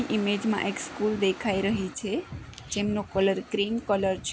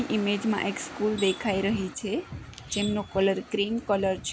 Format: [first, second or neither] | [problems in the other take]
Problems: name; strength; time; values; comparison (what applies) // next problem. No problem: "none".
first | background sound (Tools); 15 dB below the speech